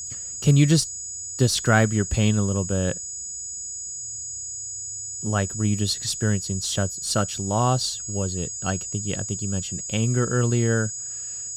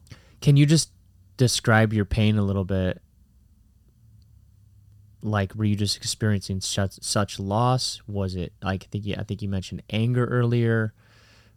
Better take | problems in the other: second | high-pitched whine; loud; throughout; 7 kHz, 6 dB below the speech

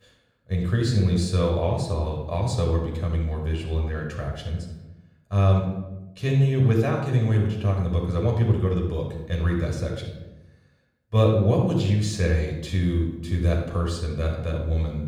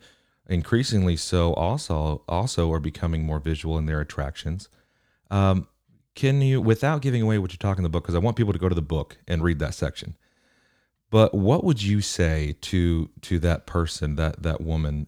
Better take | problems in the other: second | room echo; noticeable; dies away in 0.8 s // off-mic speech; somewhat distant

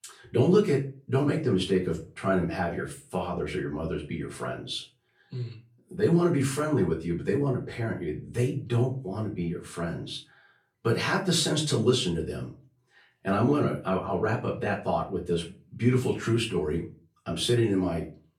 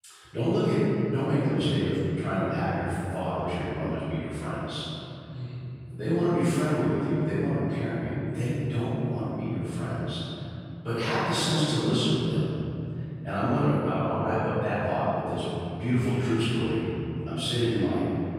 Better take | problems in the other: first | room echo; strong; dies away in 3 s; slight in the first // off-mic speech; far; far in the first

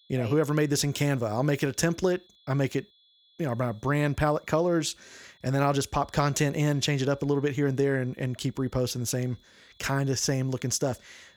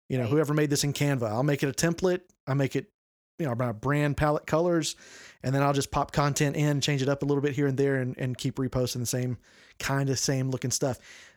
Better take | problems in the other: second | high-pitched whine; faint; throughout; 3.5 kHz, 35 dB below the speech

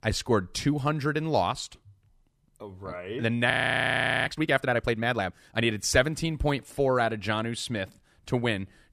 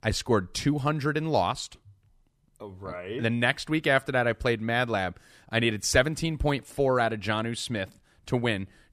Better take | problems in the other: second | audio freezing; at 3.5 s for 1 s

